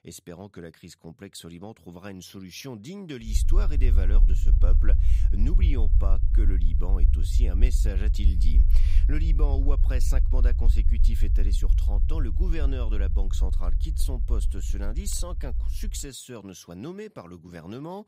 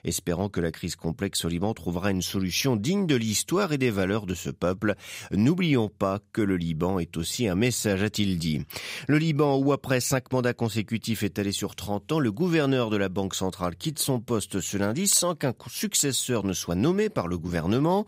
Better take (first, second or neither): second